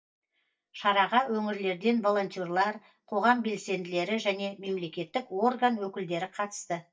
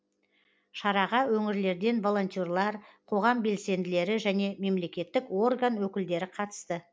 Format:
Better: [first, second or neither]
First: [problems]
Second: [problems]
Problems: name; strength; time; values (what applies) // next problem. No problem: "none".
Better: second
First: noise reduction (neural mask model DeepFilterNet 3)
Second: none